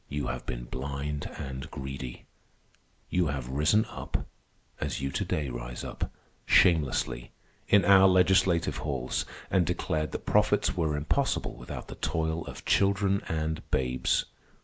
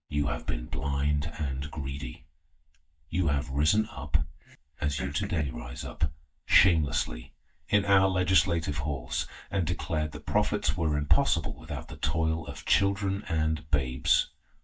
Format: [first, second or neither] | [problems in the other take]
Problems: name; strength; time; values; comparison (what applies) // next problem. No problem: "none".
first | noise reduction (neural mask model DeepFilterNet 3)